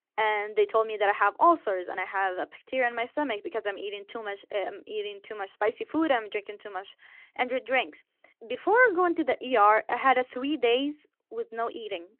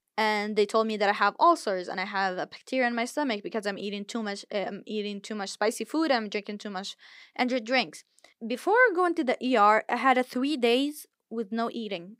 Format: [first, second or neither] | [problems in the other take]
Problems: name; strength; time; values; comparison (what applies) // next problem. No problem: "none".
second | phone-call audio